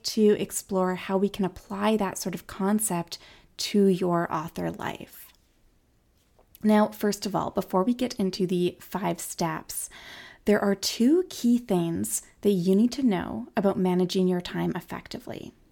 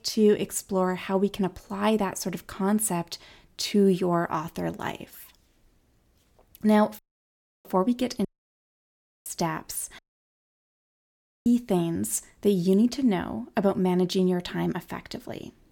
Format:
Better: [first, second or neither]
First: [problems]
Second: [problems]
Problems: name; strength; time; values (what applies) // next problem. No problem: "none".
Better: first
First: none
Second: audio cutting out; at 7 s for 0.5 s, at 8.5 s for 1 s and at 10 s for 1.5 s